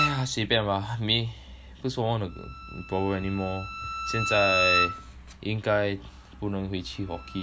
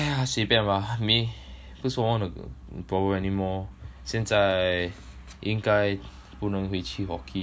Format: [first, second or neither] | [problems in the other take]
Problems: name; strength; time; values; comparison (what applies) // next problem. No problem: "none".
second | background sound (Bowed string instrument); 4 dB below the speech